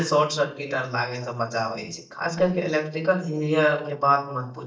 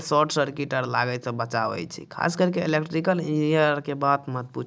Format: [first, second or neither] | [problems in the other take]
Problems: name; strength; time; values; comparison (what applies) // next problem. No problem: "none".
second | noise reduction (neural mask model DeepFilterNet 3)